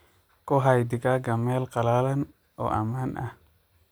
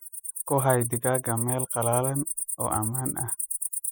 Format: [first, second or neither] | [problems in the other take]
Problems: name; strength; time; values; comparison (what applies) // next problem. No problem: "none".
first | noise reduction (classical method spectral subtraction)